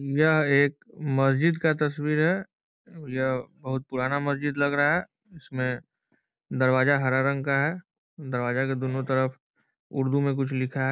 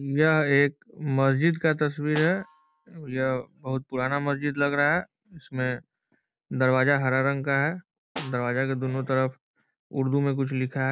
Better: first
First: none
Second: background sound (Snare drum); 19 dB below the speech

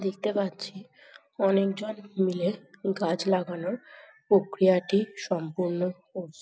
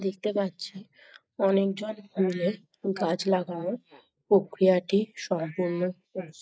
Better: first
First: none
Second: noise reduction (neural mask model Resemble Enhance denoiser)

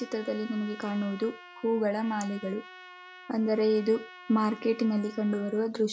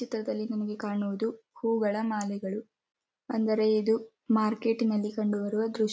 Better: second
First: background sound (Trumpet); 19 dB below the speech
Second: none

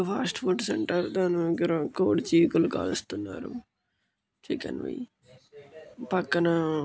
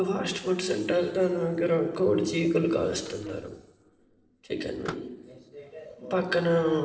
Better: first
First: none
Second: noise reduction (neural separator model SepFormer DNS4)

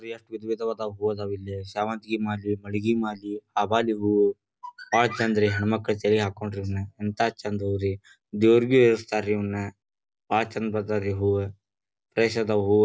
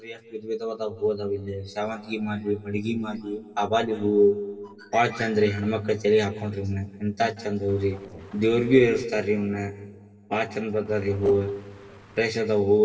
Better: first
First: none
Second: noise reduction (neural separator model SepFormer DNS4)

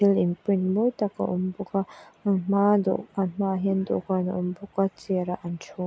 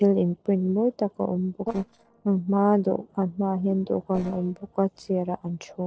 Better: first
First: none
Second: noise reduction (neural separator model SepFormer DNS4)

